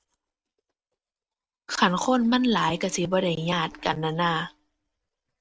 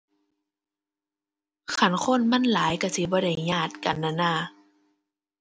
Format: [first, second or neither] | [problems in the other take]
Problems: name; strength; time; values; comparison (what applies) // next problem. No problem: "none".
second | noise reduction (neural mask model RNNoise)